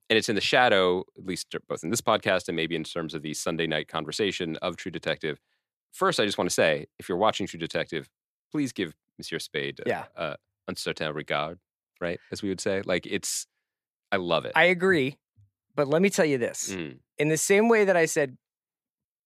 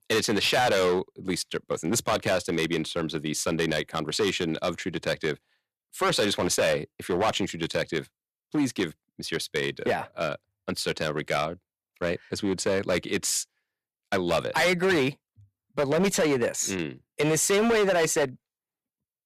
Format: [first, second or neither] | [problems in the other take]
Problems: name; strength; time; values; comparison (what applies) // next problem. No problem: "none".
first | distortion; heavy; 9% of the sound clipped